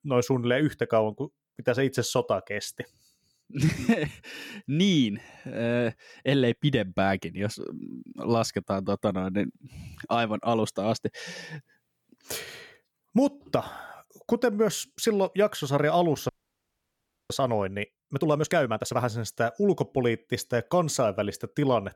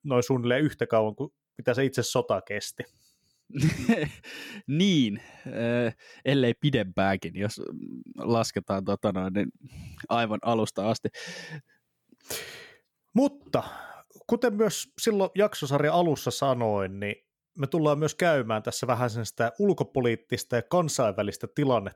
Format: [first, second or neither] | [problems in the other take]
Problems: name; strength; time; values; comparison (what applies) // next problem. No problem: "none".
second | audio freezing; at 16 s for 1 s